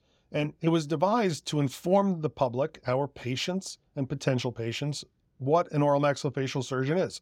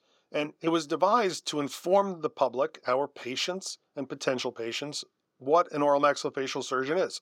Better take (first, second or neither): first